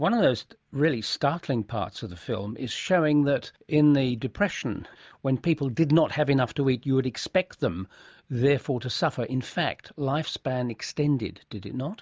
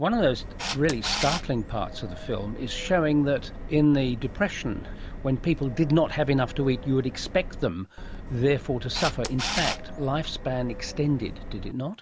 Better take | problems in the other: first | background sound (Camera + Subway, metro, underground); 9 dB below the speech

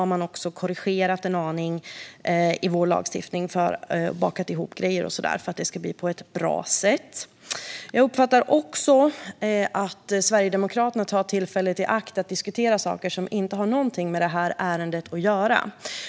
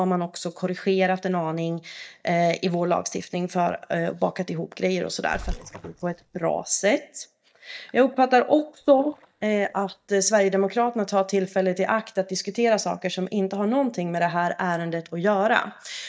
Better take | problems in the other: first | noise reduction (neural mask model DeepFilterNet 3)

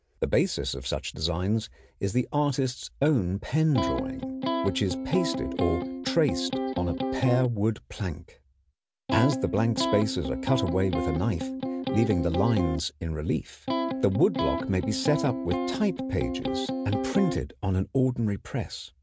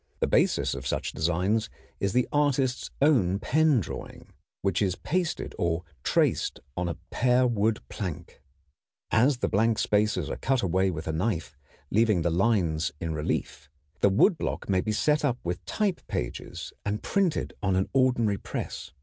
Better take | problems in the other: second | background sound (Electric guitar); 2 dB below the speech

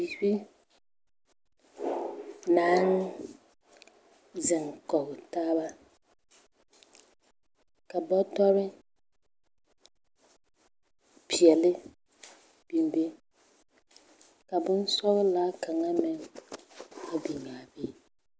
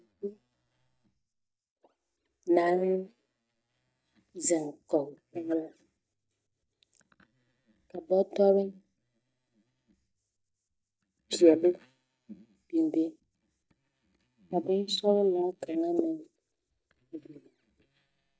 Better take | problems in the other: first | noise reduction (neural mask model DeepFilterNet 3)

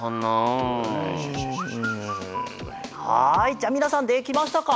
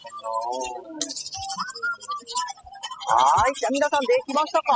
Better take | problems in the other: first | noise reduction (classical method spectral subtraction)

